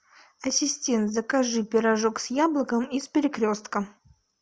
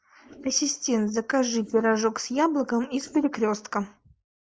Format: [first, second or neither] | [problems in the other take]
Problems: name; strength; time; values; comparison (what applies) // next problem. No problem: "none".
first | noise reduction (neural mask model Resemble Enhance denoiser)